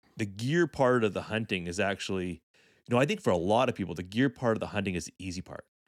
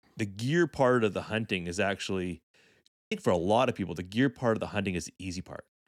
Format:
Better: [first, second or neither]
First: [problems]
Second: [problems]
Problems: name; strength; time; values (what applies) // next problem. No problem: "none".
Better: first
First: none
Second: audio cutting out; at 3 s